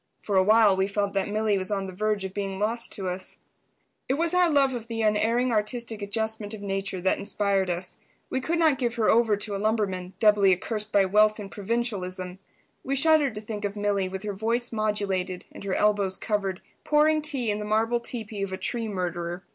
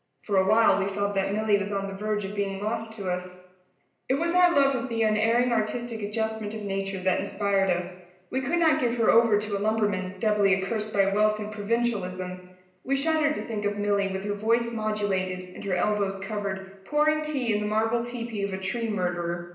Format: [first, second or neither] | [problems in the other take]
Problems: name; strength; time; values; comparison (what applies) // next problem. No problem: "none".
first | room echo; dies away in 0.8 s